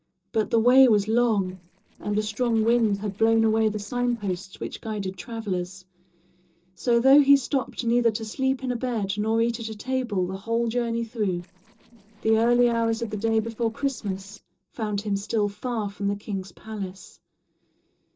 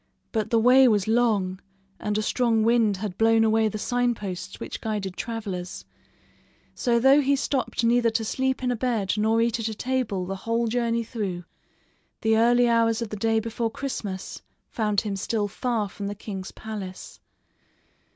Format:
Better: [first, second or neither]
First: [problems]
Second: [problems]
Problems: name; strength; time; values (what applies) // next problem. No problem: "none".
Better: second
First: noise reduction (neural separator model SepFormer DNS4)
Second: none